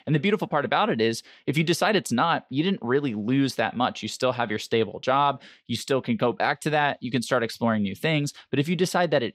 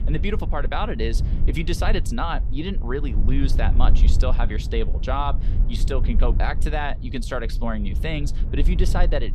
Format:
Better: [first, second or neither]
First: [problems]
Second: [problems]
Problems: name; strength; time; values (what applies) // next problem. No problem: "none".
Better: first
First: none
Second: low rumble; noticeable; throughout; 15 dB below the speech